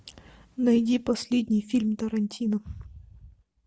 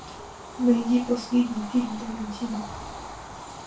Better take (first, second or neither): first